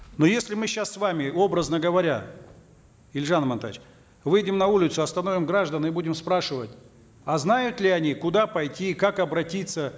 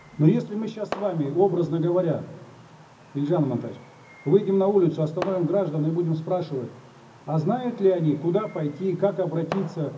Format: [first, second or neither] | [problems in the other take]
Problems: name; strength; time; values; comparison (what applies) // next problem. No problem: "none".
first | background sound (Fireworks); 19 dB below the speech // room echo; dies away in 0.4 s